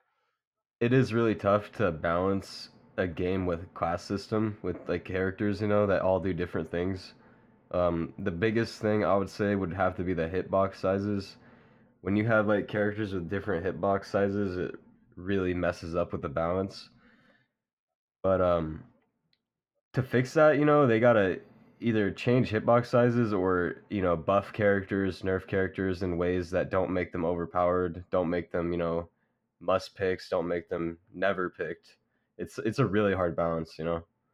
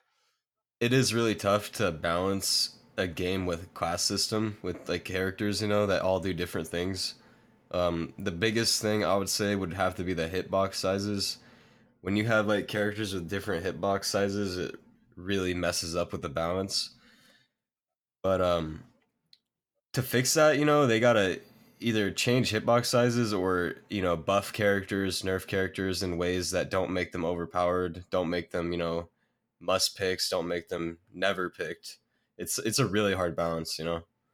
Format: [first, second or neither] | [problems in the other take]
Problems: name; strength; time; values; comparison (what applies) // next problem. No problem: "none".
second | muffled; very; fading above 3.5 kHz